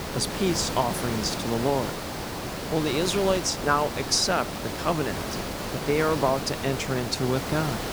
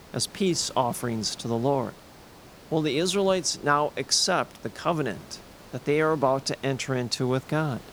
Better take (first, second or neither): second